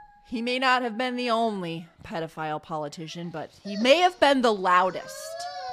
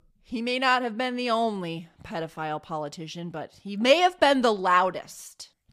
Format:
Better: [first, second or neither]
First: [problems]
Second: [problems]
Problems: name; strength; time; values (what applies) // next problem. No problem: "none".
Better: second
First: animal sounds; noticeable; throughout; 20 dB below the speech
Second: none